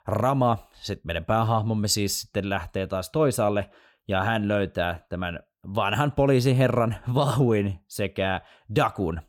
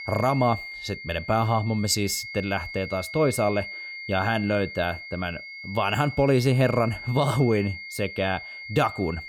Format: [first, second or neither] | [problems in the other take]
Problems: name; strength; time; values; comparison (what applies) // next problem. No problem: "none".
first | high-pitched whine; noticeable; throughout; 2 kHz, 10 dB below the speech